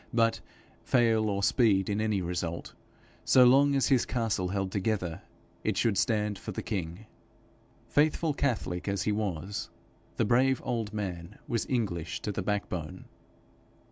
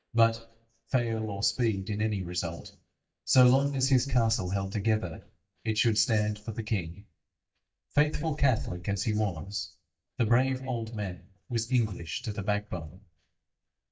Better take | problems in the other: first | noise reduction (neural mask model DeepFilterNet 3)

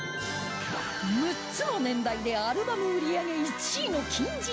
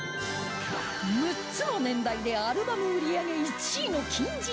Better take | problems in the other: first | background sound (Bowed string instrument); 17 dB below the speech

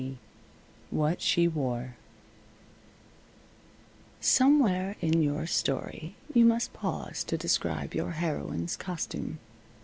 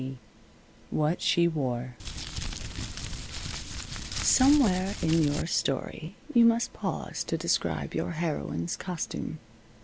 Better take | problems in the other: first | background sound (Crumpling, crinkling); 6 dB below the speech

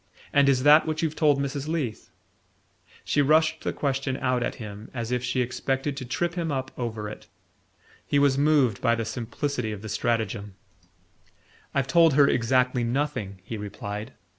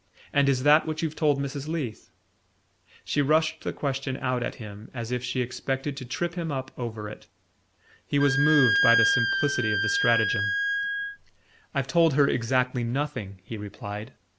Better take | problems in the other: first | background sound (Wind instrument, woodwind instrument); 2 dB above the speech

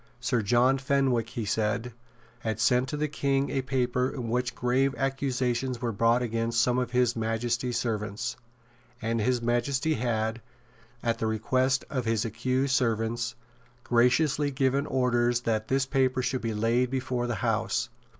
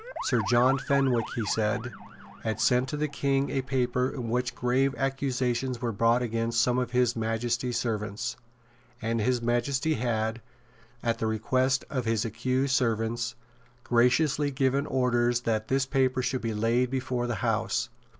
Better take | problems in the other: first | background sound (Motor vehicle (road) / Siren); 19 dB below the speech

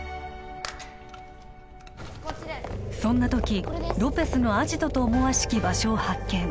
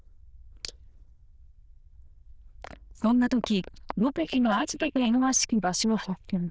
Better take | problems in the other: first | noise reduction (neural diffusion model UNIVERSE++)

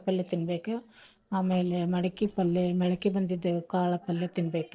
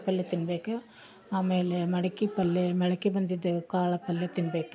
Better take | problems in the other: second | noise reduction (neural separator model SepFormer DNS4)

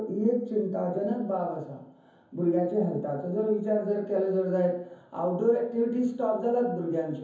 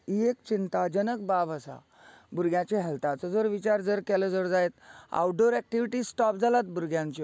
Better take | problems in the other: second | room echo; dies away in 0.7 s

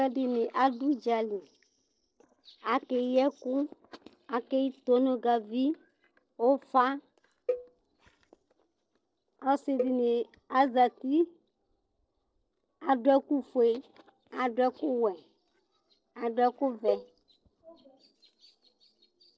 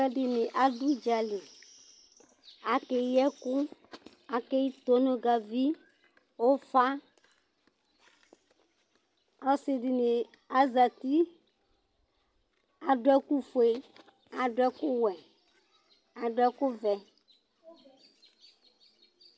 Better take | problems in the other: second | noise reduction (neural separator model SepFormer DNS4)

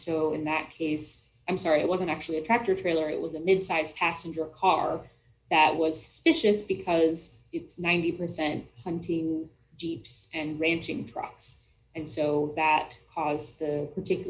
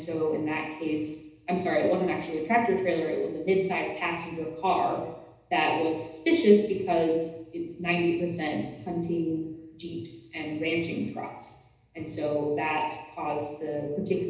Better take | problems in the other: first | room echo; dies away in 0.8 s

